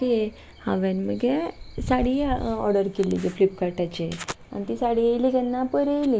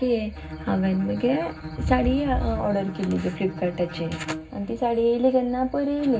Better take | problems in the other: first | background sound (Bowed string instrument); 14 dB below the speech // room echo; dies away in 0.4 s

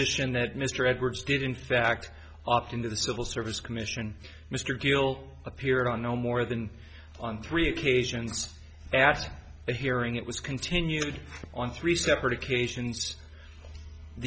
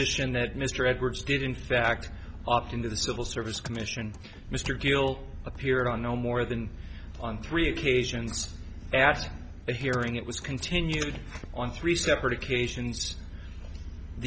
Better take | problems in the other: first | background sound (Engine); 11 dB below the speech

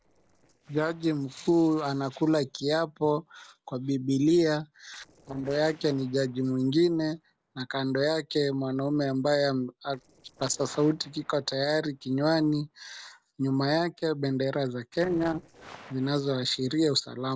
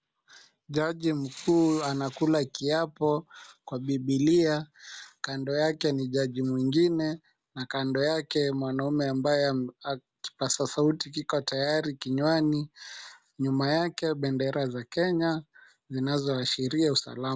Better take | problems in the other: second | noise reduction (neural separator model SepFormer DNS4)

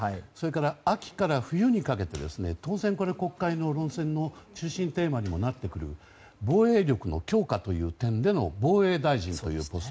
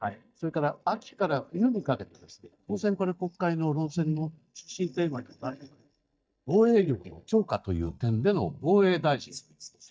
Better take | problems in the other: first | noise reduction (neural mask model DeepFilterNet 3)

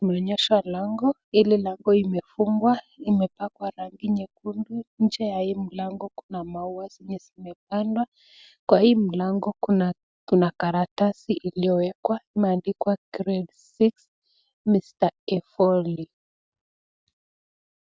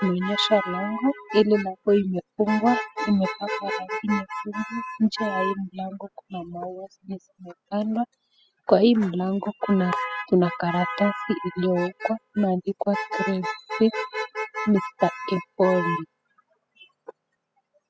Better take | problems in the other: first | noise reduction (classical method spectral subtraction)

